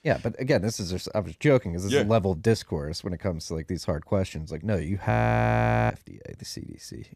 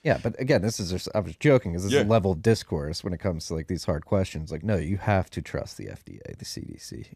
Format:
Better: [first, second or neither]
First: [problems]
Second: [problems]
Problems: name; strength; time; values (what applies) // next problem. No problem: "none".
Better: second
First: audio freezing; at 5 s for 1 s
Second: none